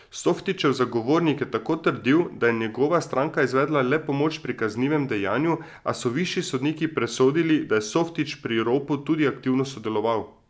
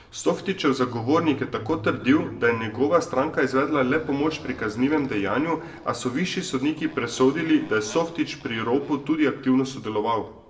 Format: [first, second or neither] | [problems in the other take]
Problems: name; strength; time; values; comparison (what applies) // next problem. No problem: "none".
first | background sound (Motorcycle); 20 dB below the speech // room echo; dies away in 0.6 s